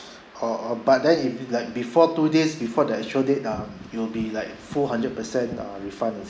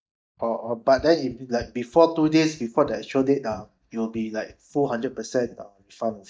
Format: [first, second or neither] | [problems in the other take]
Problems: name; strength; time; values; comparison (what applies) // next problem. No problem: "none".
first | noise reduction (neural mask model DeepFilterNet 3)